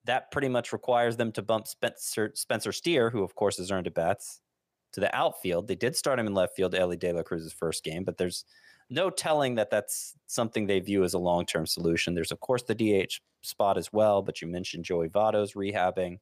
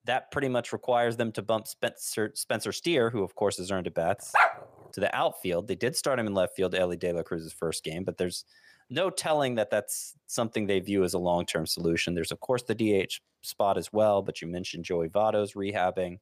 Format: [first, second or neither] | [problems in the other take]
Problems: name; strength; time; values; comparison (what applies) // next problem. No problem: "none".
first | dog barking; loud; at 4.5 s; peak 6 dB above the speech